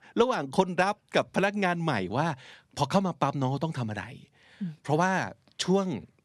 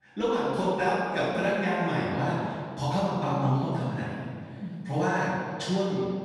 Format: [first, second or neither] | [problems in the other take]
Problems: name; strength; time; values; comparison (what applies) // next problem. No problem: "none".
first | room echo; strong; dies away in 2.1 s // off-mic speech; far